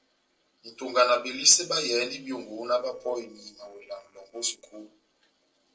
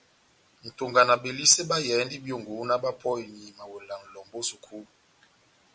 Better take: second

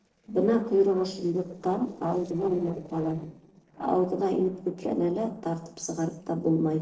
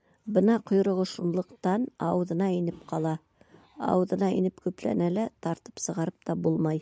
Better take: second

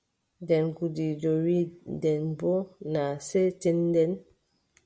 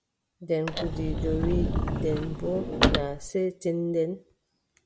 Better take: first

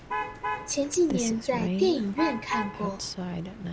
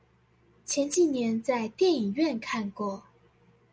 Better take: second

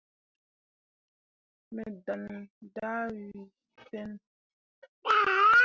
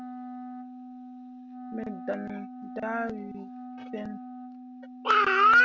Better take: first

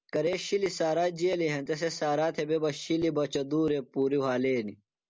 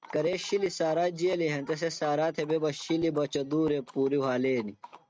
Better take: first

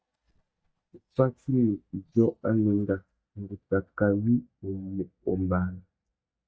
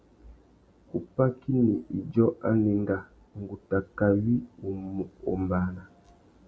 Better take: second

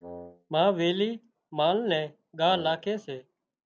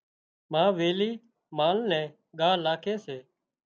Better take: second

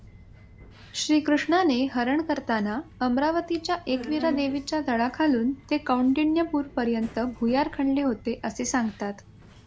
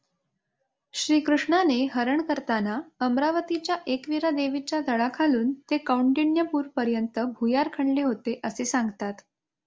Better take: second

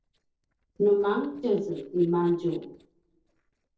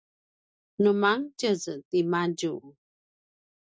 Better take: second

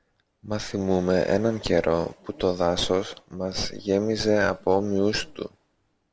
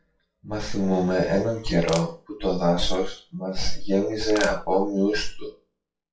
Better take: first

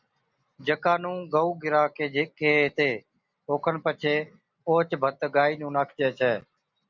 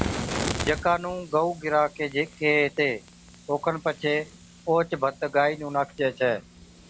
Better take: first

